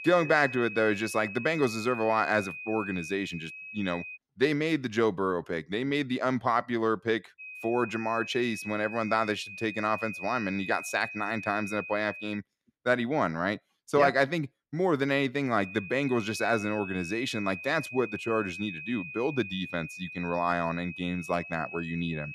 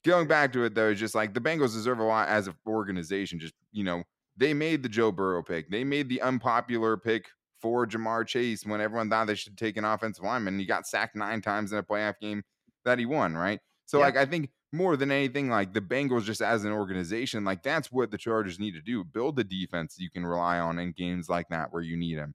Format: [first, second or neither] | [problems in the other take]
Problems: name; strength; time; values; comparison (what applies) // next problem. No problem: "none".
second | high-pitched whine; loud; until 4 s, from 7.5 to 12 s and from 16 s on; 2.5 kHz, 10 dB below the speech